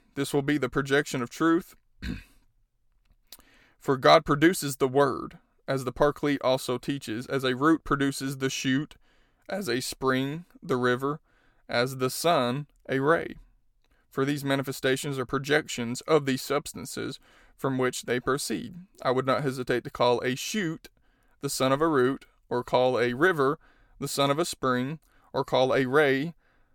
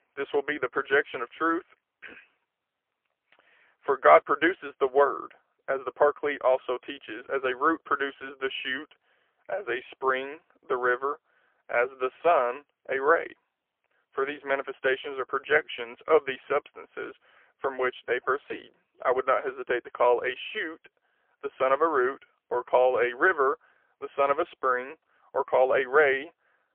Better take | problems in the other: first | phone-call audio; poor line; nothing above 3.5 kHz

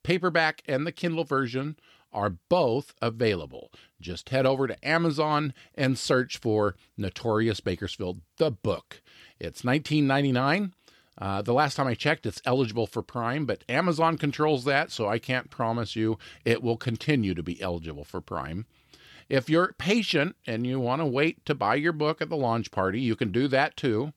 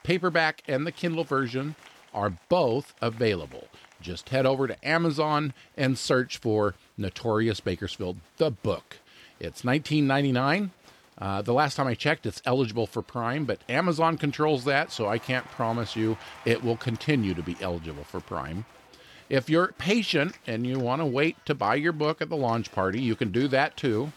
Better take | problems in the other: first | crowd noise; faint; throughout; 25 dB below the speech

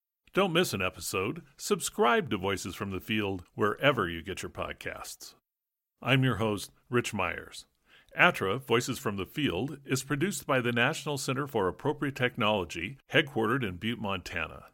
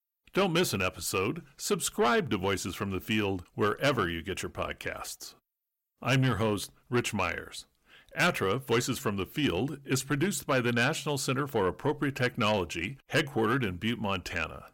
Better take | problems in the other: first | distortion; slight; 10 dB below the speech

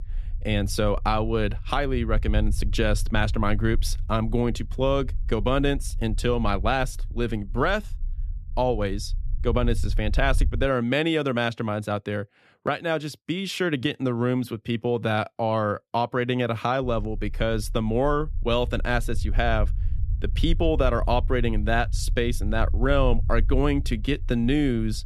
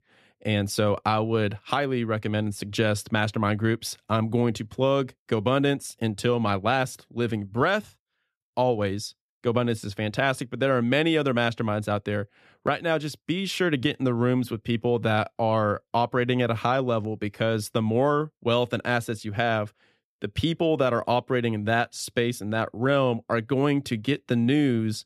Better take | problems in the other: second | low rumble; faint; until 11 s and from 17 s on; 25 dB below the speech

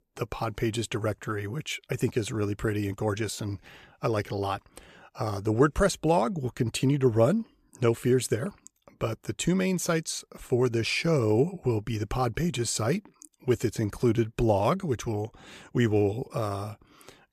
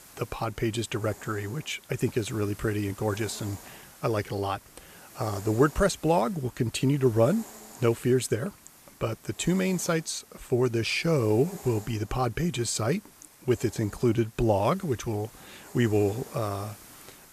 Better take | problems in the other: first | hiss; noticeable; throughout; 20 dB below the speech

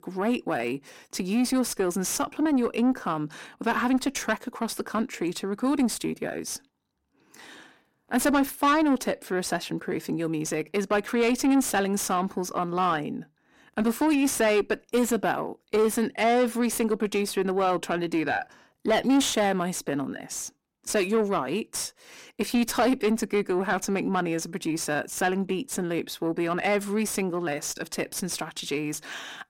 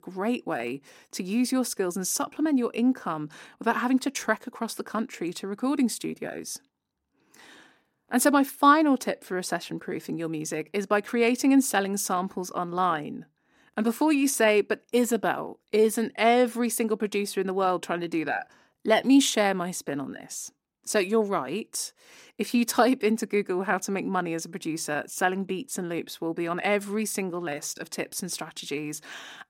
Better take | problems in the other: second | distortion; slight; 10 dB below the speech

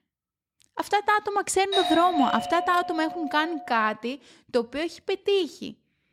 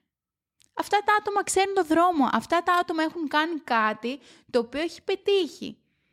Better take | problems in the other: second | doorbell; noticeable; from 1.5 to 3.5 s; peak 1 dB below the speech

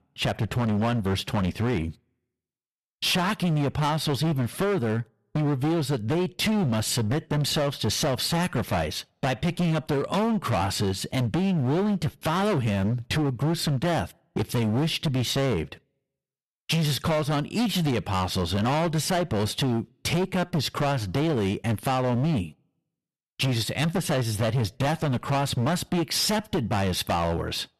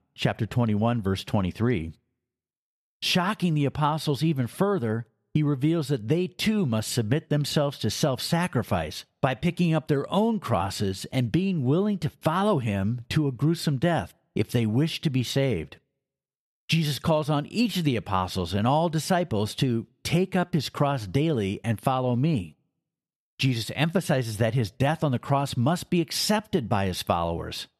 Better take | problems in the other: second | distortion; heavy; 22% of the sound clipped

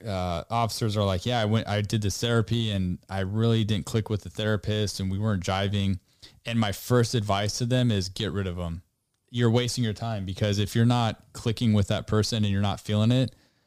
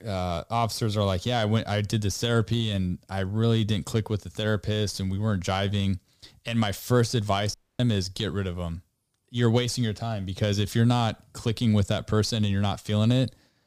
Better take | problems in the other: first | audio cutting out; at 7.5 s

